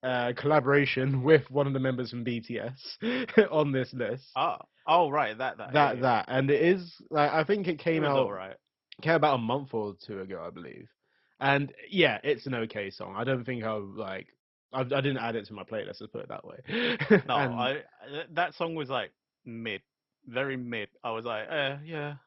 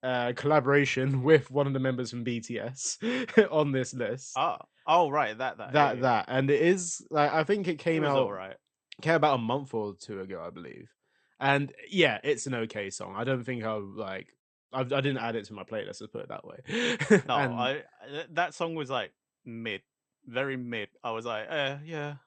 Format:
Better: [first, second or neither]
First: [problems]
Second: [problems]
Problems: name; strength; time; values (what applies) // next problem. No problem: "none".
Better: second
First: garbled, watery; badly; nothing above 5.5 kHz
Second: garbled, watery; slightly; nothing above 8.5 kHz